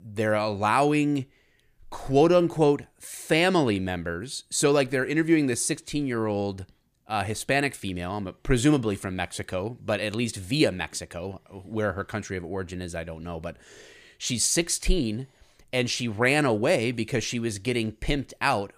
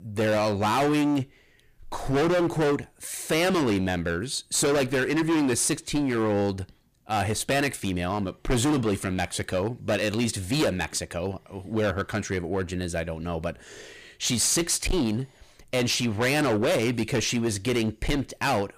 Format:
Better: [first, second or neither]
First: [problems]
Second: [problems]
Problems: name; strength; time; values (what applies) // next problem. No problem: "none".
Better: first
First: none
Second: distortion; heavy; 17% of the sound clipped